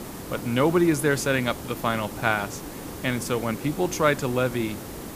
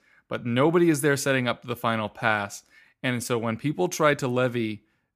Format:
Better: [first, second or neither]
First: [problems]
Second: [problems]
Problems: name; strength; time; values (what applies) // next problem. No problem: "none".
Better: second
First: hiss; noticeable; throughout; 10 dB below the speech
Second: none